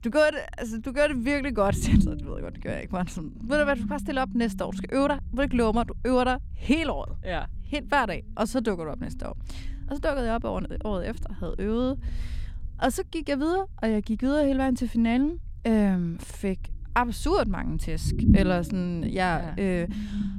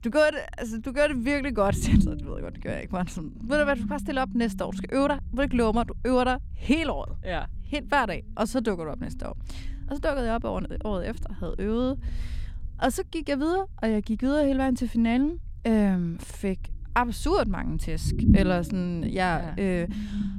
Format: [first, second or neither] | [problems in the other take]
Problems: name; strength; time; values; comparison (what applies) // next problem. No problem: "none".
neither | low rumble; noticeable; throughout; 10 dB below the speech; the same in both